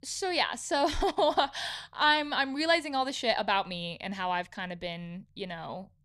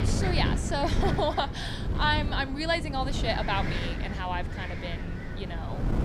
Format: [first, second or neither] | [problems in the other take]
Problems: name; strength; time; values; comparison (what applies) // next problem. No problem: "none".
first | wind noise on the microphone; heavy; 9 dB below the speech